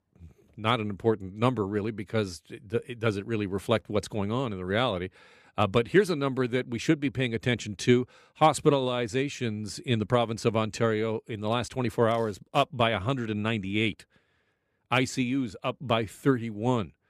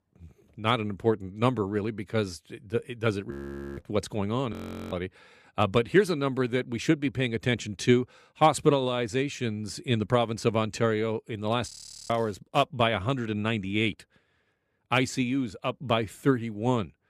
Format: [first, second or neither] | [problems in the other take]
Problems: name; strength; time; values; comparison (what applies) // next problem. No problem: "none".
first | audio freezing; at 3.5 s, at 4.5 s and at 12 s